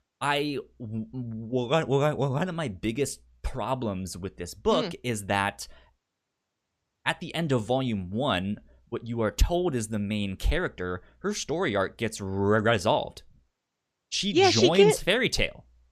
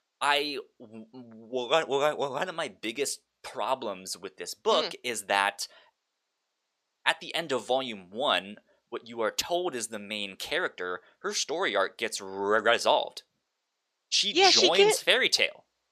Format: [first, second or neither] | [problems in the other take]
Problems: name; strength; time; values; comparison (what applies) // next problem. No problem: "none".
first | thin; somewhat; fading below 500 Hz